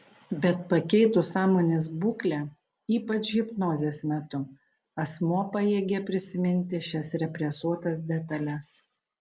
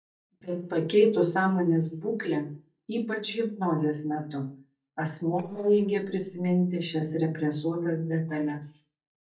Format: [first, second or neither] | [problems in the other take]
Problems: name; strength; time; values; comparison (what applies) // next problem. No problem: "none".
first | noise reduction (neural mask model DeepFilterNet 3)